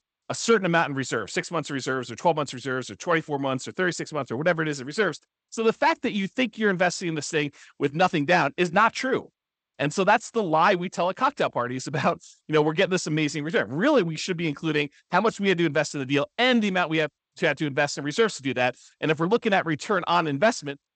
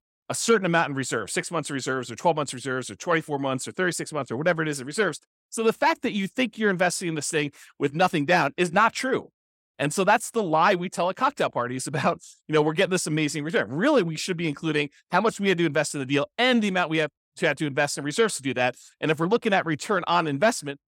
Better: second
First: garbled, watery; slightly; nothing above 8 kHz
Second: none

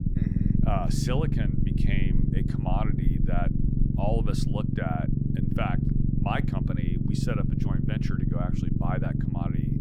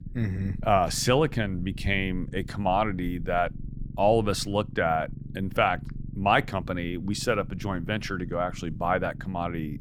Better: second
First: low rumble; loud; throughout; 1 dB below the speech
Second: low rumble; faint; throughout; 25 dB below the speech

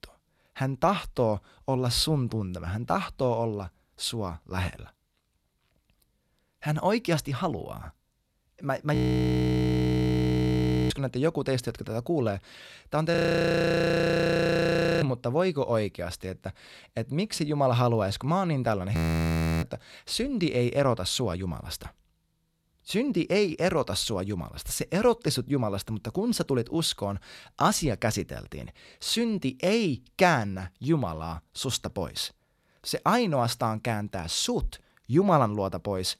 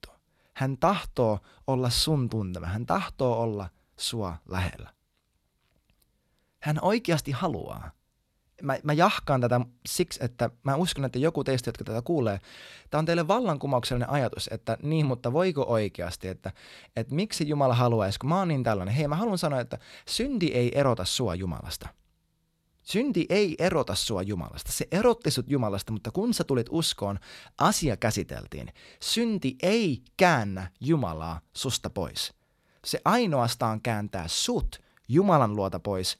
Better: second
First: audio freezing; at 9 s for 2 s, at 13 s for 2 s and at 19 s for 0.5 s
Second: none

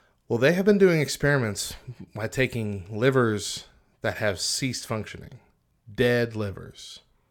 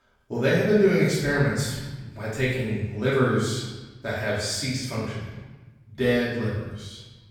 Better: first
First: none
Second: off-mic speech; far // room echo; noticeable; dies away in 1.1 s

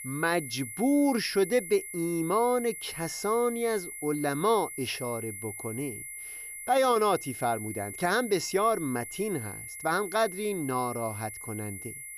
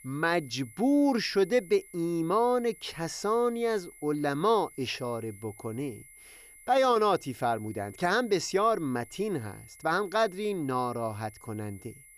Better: second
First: high-pitched whine; loud; throughout; 2 kHz, 9 dB below the speech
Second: high-pitched whine; faint; throughout; 2 kHz, 20 dB below the speech

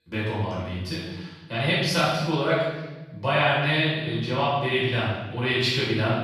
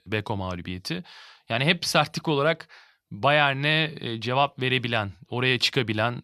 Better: second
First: off-mic speech; far // room echo; strong; dies away in 1 s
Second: none

